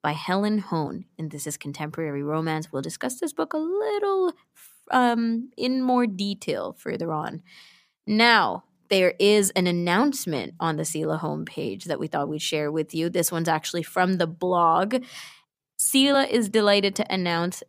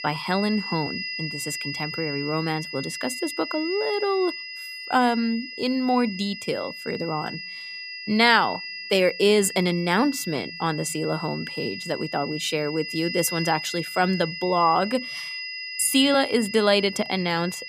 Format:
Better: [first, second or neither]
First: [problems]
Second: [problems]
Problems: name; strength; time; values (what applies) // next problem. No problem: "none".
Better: first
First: none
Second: high-pitched whine; loud; throughout; 5 kHz, 8 dB below the speech